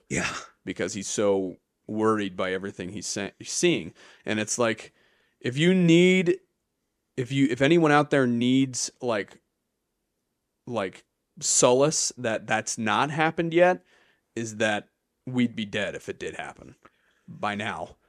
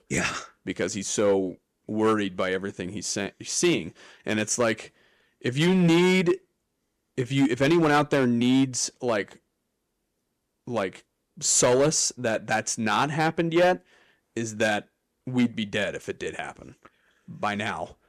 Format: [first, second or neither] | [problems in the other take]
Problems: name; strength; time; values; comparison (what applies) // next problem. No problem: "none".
first | distortion; slight; 4% of the sound clipped